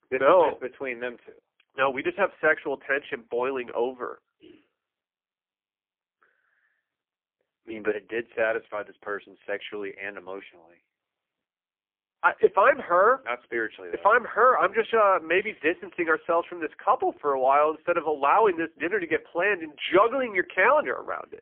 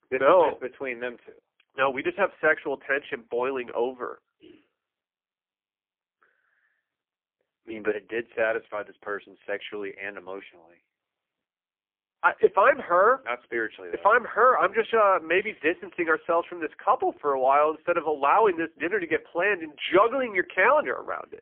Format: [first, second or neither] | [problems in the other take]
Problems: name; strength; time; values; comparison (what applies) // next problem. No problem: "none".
neither | phone-call audio; poor line; nothing above 3.5 kHz; the same in both